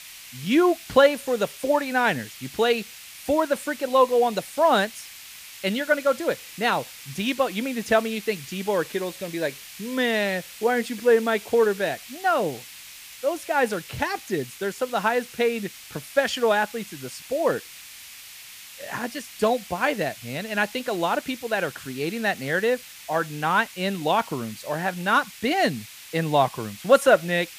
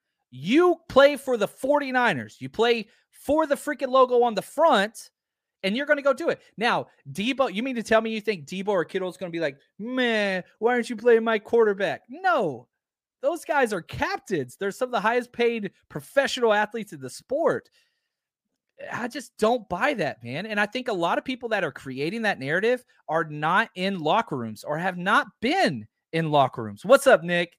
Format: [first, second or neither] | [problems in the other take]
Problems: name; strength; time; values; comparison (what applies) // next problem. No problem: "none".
second | hiss; noticeable; throughout; 15 dB below the speech